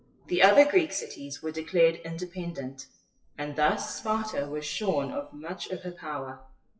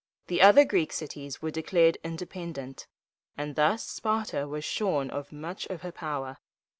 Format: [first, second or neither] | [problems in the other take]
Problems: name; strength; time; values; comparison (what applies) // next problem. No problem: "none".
second | noise reduction (classical method WPE with log-MMSE)